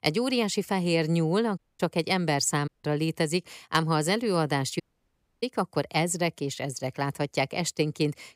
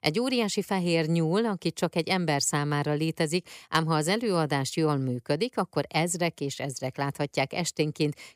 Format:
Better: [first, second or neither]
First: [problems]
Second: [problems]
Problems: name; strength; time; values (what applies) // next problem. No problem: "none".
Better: second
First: audio cutting out; at 1.5 s, at 2.5 s and at 5 s for 0.5 s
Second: none